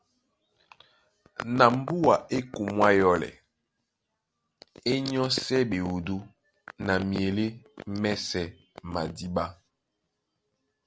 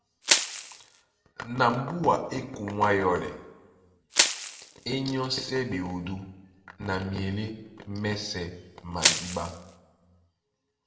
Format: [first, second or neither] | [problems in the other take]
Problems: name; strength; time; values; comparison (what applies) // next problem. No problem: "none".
first | background sound (Crushing); 3 dB above the speech // room echo; dies away in 1 s